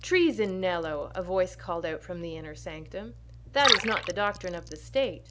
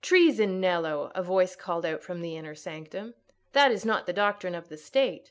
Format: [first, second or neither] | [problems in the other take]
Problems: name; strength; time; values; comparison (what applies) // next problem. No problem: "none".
second | background sound (Liquid); 5 dB below the speech